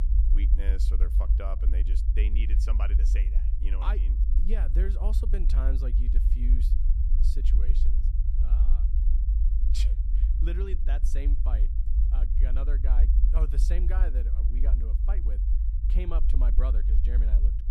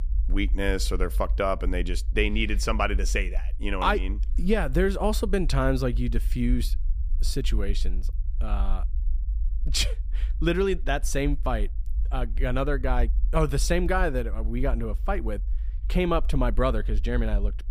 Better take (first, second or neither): second